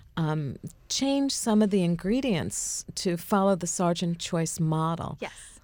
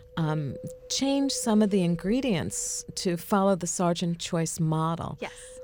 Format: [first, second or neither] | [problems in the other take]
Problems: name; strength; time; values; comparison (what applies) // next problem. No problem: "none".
first | wind noise on the microphone; occasional gusts; 15 dB below the speech